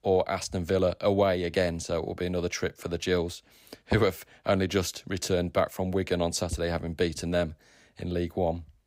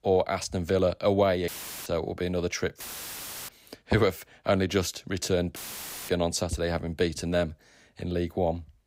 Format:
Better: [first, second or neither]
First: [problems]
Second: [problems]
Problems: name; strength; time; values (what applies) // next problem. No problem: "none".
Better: first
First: none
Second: audio cutting out; filled with static; at 1.5 s, at 3 s for 0.5 s and at 5.5 s for 0.5 s